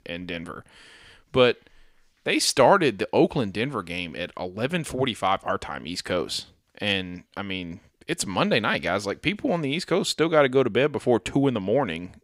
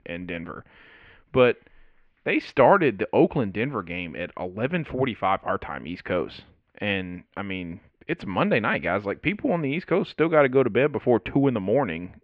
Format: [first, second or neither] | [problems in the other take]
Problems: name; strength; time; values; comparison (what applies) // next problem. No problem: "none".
first | muffled; very; fading above 2.5 kHz